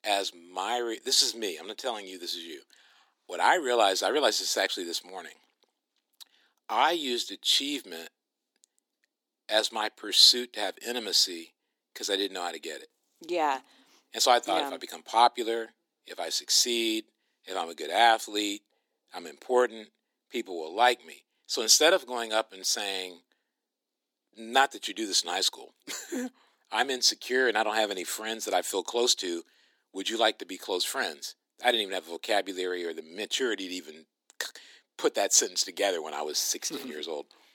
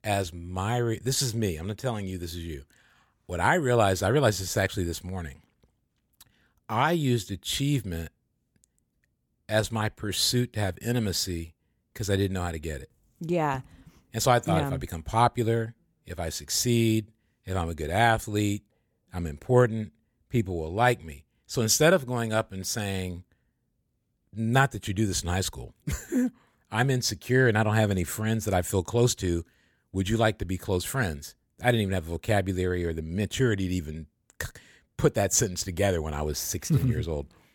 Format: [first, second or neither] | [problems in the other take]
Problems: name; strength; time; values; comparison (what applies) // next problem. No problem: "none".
second | thin; very; fading below 300 Hz